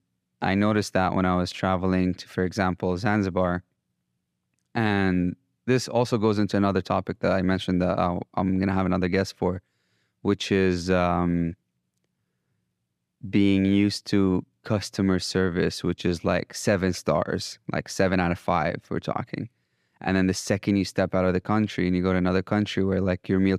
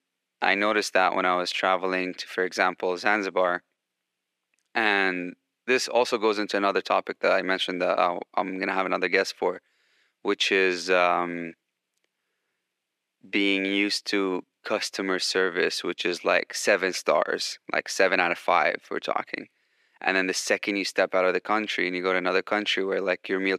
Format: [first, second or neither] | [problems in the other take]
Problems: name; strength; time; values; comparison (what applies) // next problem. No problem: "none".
first | thin; somewhat; fading below 350 Hz